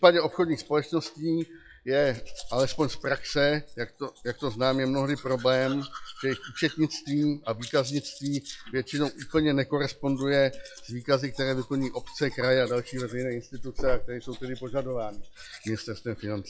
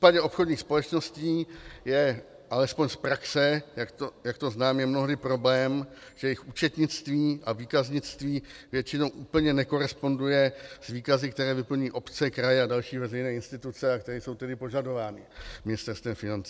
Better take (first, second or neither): second